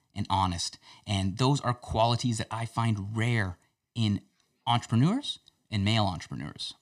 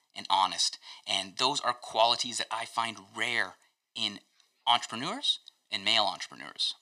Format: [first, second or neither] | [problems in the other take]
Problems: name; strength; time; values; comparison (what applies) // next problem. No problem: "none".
first | thin; very; fading below 600 Hz